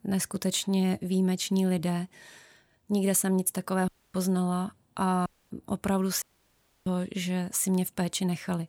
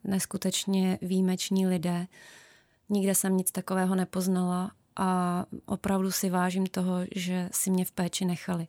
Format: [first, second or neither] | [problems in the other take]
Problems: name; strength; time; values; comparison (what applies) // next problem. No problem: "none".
second | audio cutting out; at 4 s, at 5.5 s and at 6 s for 0.5 s